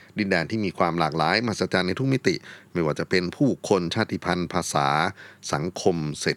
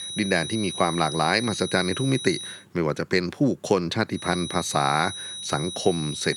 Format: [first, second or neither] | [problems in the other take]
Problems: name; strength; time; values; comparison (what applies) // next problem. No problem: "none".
first | high-pitched whine; loud; until 2.5 s and from 4 s on; 4 kHz, 7 dB below the speech